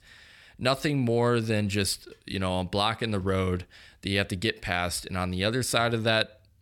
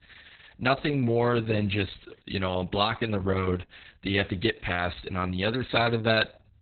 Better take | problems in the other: first | garbled, watery; badly; nothing above 4 kHz

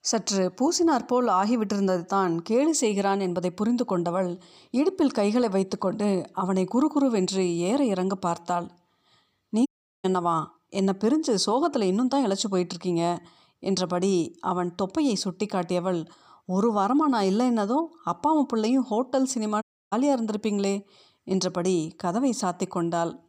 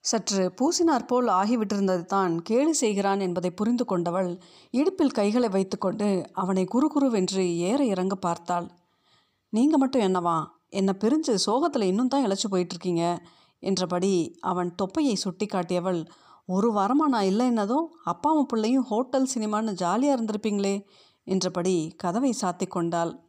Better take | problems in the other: second | audio cutting out; at 9.5 s and at 20 s

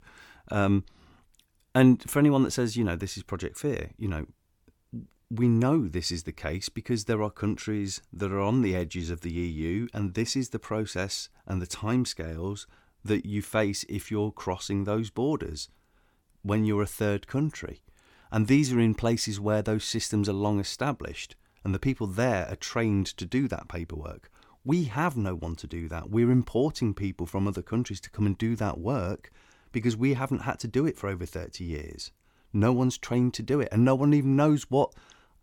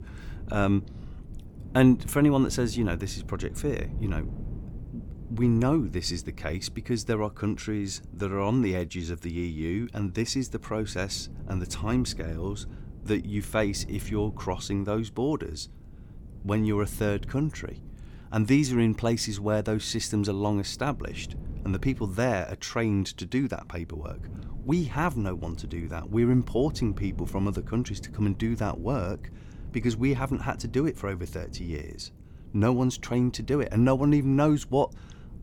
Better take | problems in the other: first | wind noise on the microphone; occasional gusts; 20 dB below the speech

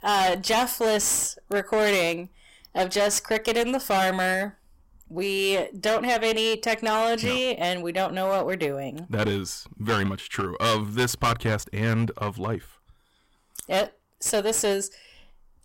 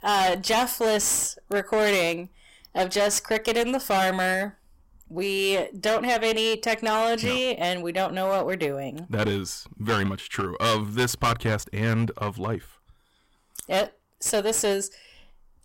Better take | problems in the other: neither | distortion; heavy; 14% of the sound clipped; the same in both

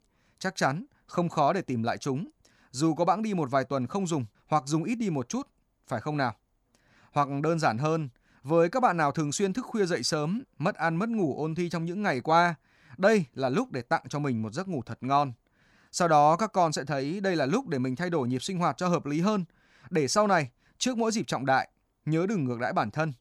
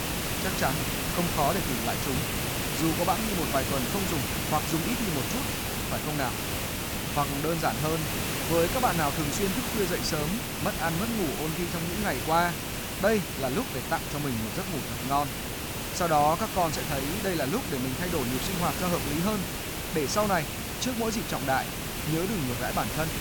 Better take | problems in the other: first | hiss; loud; throughout; as loud as the speech

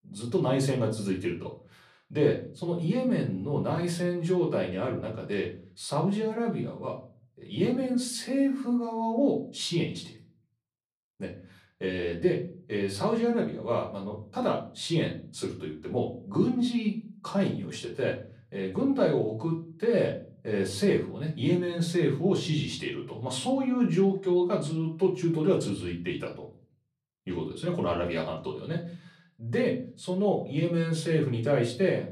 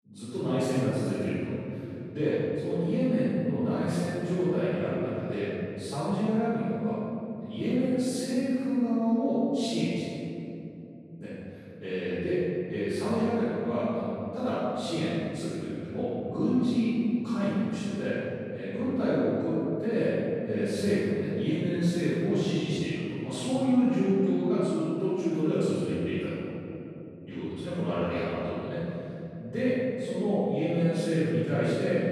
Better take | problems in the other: first | room echo; strong; dies away in 3 s; slight in the first // off-mic speech; far; far in the first

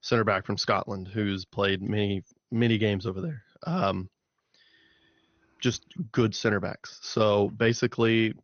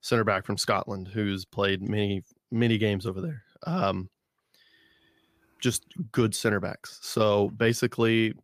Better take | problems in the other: second | garbled, watery; slightly; nothing above 6.5 kHz

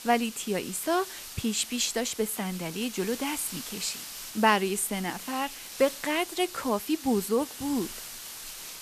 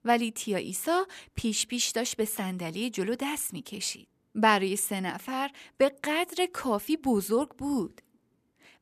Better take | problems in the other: second | hiss; noticeable; throughout; 10 dB below the speech

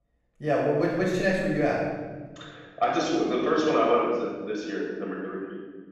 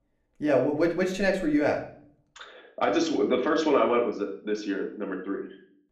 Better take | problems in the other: second | room echo; strong; dies away in 1.4 s; slight in the second // off-mic speech; far; somewhat distant in the second

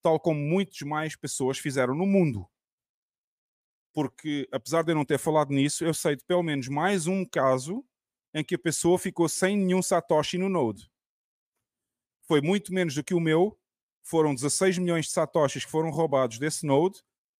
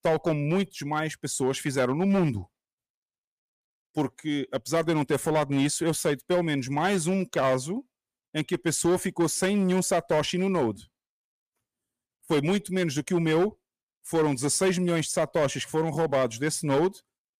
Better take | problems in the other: first | distortion; slight; 6% of the sound clipped

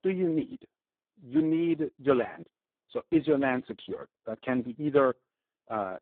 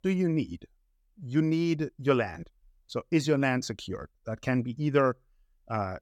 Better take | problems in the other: second | phone-call audio; poor line; nothing above 3.5 kHz

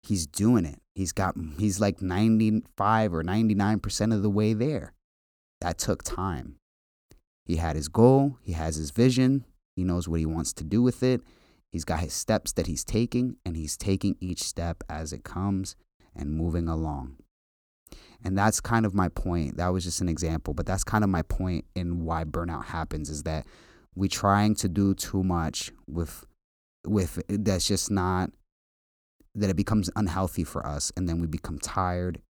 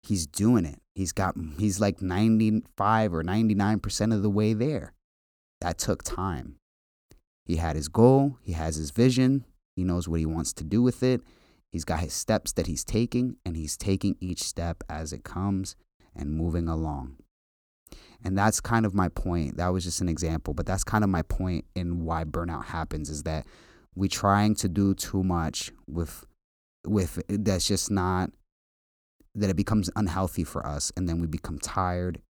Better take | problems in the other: neither | none

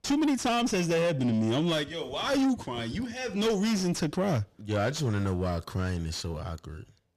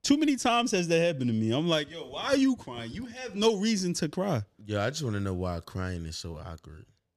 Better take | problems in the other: second | distortion; heavy; 7 dB below the speech

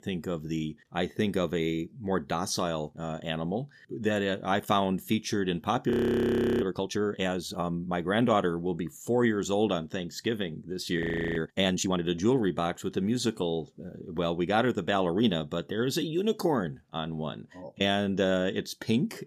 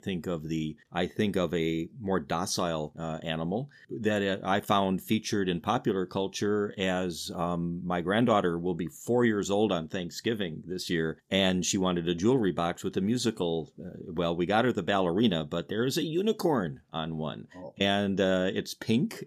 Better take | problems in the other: second | audio freezing; at 6 s for 0.5 s and at 11 s

